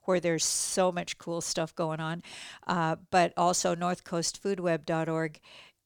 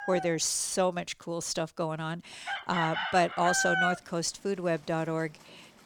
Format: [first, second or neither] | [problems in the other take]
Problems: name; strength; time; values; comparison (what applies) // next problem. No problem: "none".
first | animal sounds; loud; throughout; 2 dB below the speech